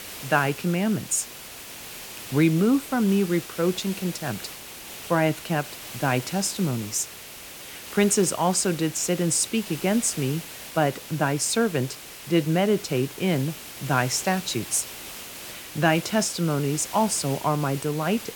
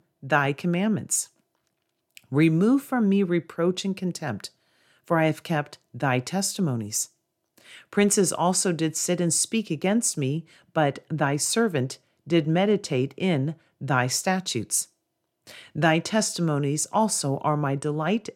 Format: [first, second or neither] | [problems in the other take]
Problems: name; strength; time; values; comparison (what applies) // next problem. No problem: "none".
second | hiss; noticeable; throughout; 10 dB below the speech